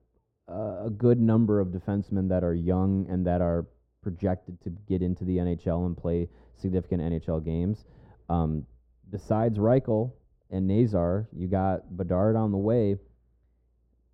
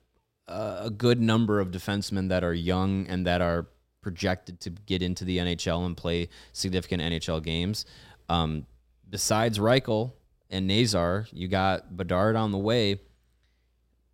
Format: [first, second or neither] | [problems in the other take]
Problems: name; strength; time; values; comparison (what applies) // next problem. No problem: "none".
second | muffled; very; fading above 1.5 kHz